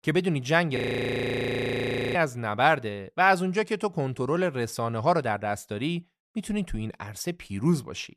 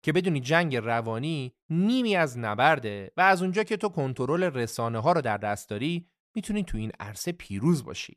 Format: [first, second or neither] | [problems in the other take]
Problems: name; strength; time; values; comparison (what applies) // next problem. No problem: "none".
second | audio freezing; at 1 s for 1.5 s